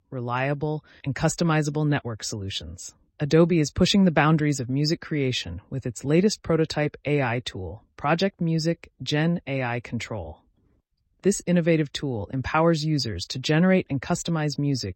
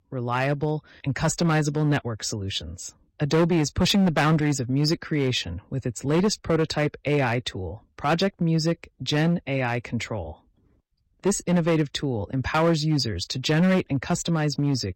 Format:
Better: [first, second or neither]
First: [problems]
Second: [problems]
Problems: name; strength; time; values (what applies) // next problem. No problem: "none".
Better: first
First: none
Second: distortion; slight; 6% of the sound clipped